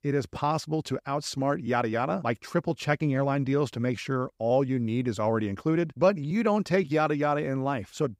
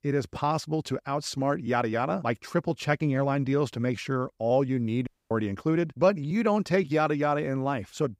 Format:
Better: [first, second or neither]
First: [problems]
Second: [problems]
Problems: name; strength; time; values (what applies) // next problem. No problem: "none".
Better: first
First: none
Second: audio cutting out; at 5 s